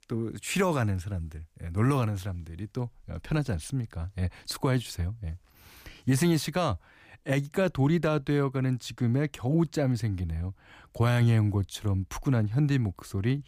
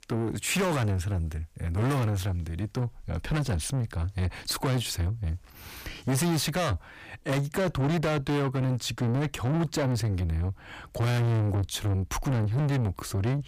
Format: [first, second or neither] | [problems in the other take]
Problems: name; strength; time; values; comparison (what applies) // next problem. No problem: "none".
first | distortion; heavy; 6 dB below the speech